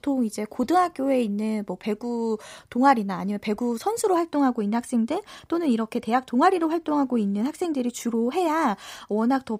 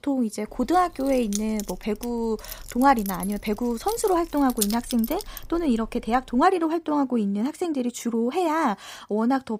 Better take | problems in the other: first | jangling keys; noticeable; from 0.5 to 6.5 s; peak 3 dB below the speech

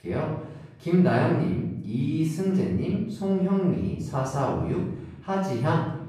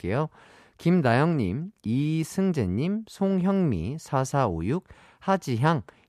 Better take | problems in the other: second | off-mic speech; far // room echo; noticeable; dies away in 0.8 s

